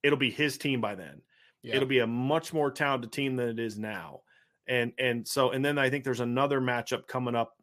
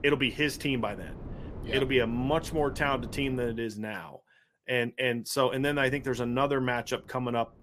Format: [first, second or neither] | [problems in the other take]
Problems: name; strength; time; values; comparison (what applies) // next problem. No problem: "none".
first | wind noise on the microphone; occasional gusts; until 3.5 s and from 5.5 s on; 20 dB below the speech